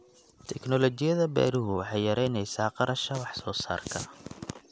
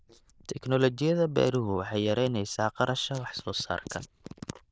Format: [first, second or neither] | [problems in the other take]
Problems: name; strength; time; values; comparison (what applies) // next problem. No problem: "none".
first | noise reduction (neural diffusion model UNIVERSE++)